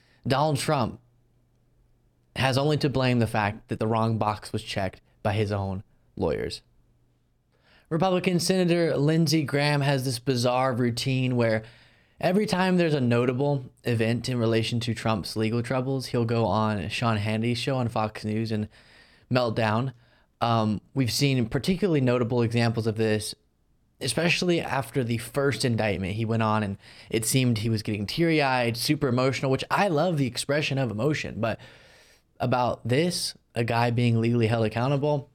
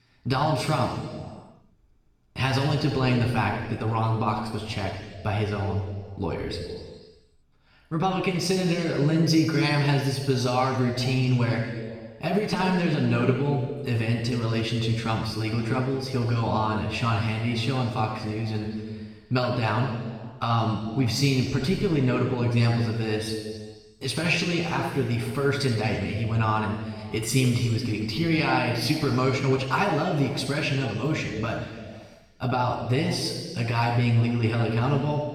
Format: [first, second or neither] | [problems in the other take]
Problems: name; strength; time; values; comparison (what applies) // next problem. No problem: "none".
first | room echo; noticeable; dies away in 1.5 s // off-mic speech; far